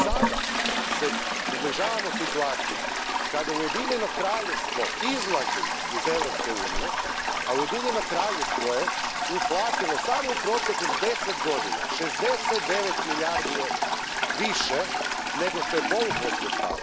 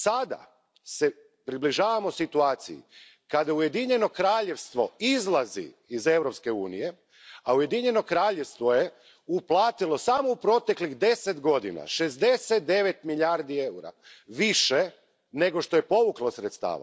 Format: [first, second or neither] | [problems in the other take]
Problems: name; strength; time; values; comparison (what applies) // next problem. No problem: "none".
second | background sound (Toilet flush); 3 dB above the speech